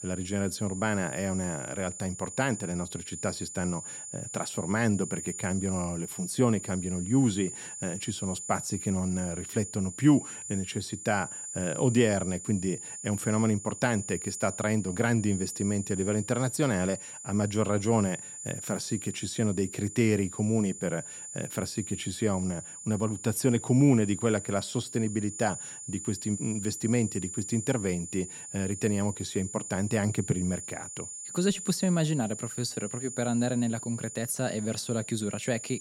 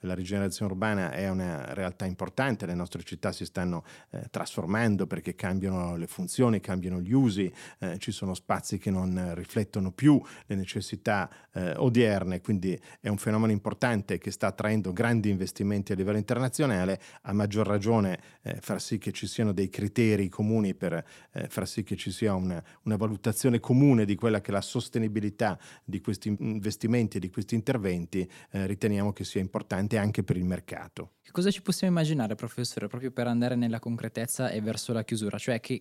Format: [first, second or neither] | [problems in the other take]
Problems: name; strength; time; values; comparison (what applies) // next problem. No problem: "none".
second | high-pitched whine; loud; throughout; 7 kHz, 8 dB below the speech